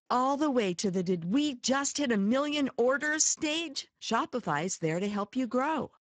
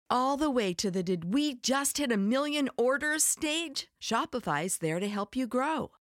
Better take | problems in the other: second | garbled, watery; badly; nothing above 7.5 kHz

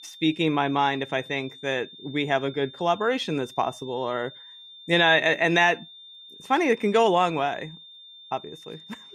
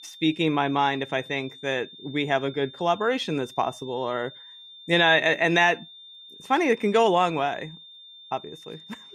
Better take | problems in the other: neither | high-pitched whine; noticeable; throughout; 3.5 kHz, 20 dB below the speech; the same in both

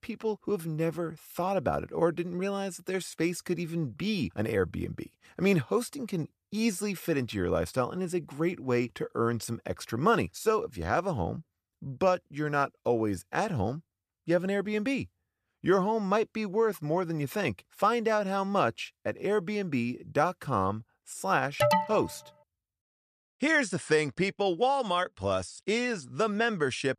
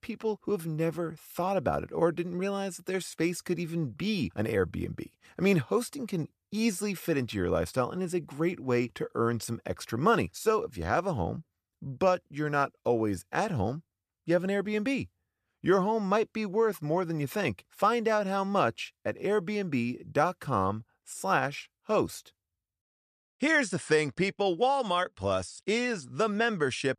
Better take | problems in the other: second | alarm; loud; at 22 s; peak 4 dB above the speech

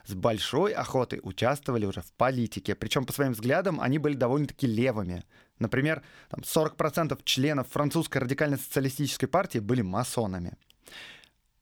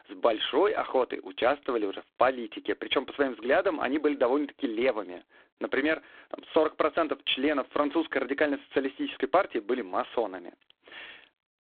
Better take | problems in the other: first | phone-call audio; poor line; nothing above 3.5 kHz

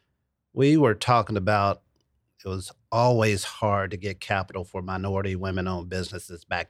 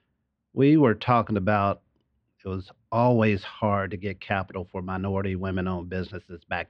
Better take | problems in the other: first | muffled; slightly; fading above 3.5 kHz

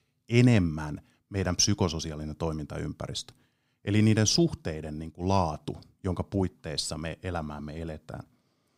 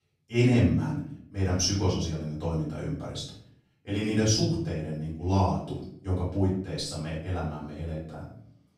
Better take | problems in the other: first | off-mic speech; far // room echo; noticeable; dies away in 0.6 s

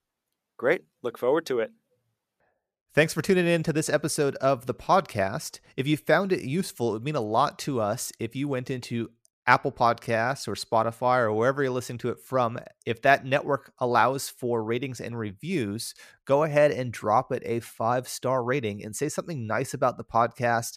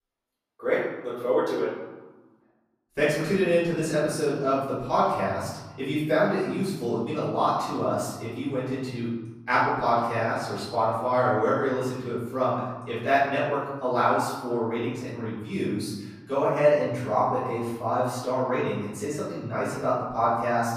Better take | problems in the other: first | room echo; noticeable; dies away in 1.1 s // off-mic speech; far

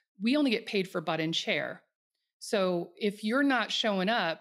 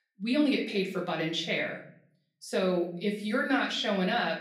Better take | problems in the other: first | off-mic speech; far // room echo; slight; dies away in 0.5 s

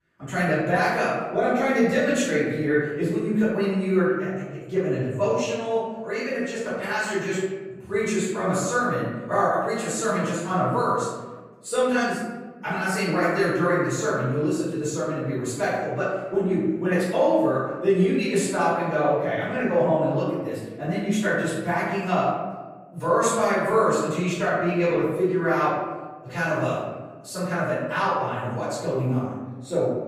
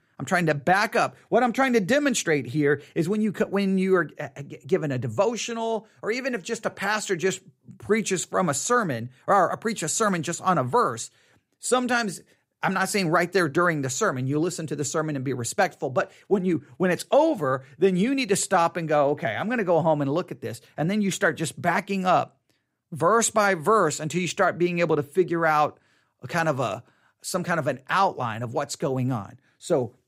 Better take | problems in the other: second | room echo; strong; dies away in 1.2 s // off-mic speech; far

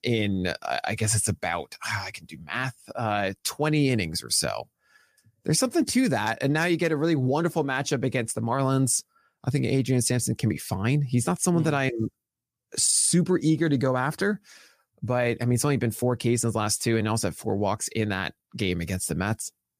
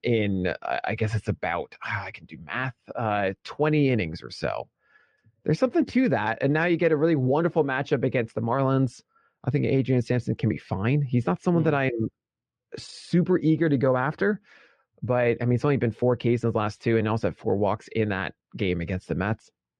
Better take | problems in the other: first | muffled; very; fading above 3 kHz

